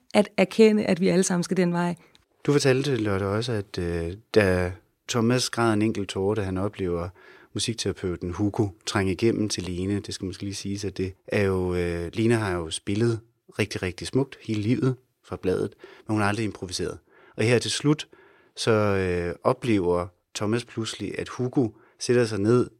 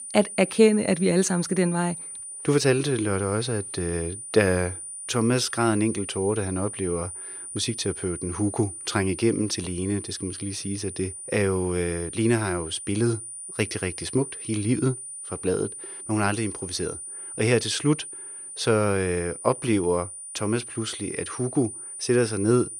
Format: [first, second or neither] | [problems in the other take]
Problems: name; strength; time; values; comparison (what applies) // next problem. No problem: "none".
first | high-pitched whine; loud; throughout; 9.5 kHz, 9 dB below the speech